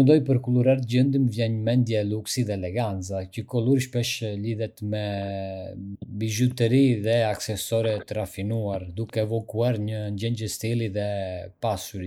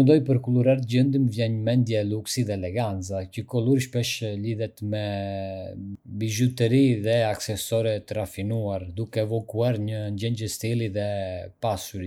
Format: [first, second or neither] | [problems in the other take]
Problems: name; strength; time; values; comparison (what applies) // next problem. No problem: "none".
second | noise reduction (neural mask model Resemble Enhance denoiser)